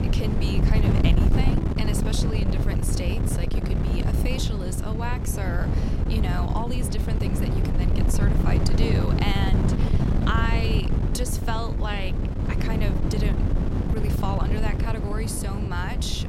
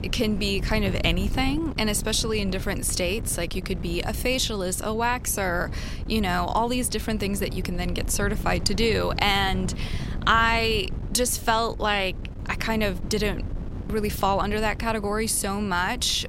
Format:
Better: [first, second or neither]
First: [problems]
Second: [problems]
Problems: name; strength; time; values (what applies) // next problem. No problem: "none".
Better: second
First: wind noise on the microphone; heavy; 1 dB below the speech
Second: wind noise on the microphone; occasional gusts; 20 dB below the speech